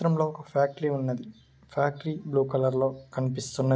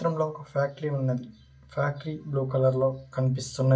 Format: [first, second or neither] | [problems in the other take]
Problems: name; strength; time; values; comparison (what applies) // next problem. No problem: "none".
first | room echo; dies away in 0.2 s